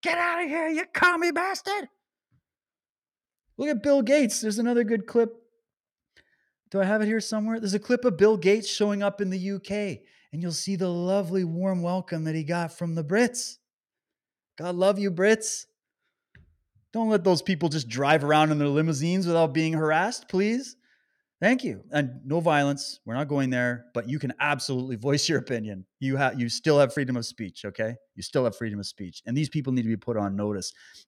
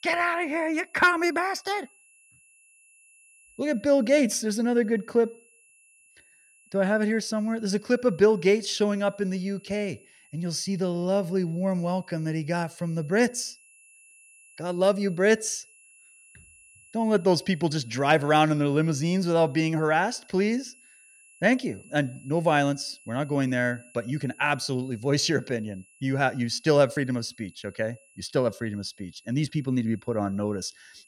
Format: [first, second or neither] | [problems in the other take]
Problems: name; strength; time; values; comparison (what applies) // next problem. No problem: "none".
first | high-pitched whine; faint; throughout; 2.5 kHz, 30 dB below the speech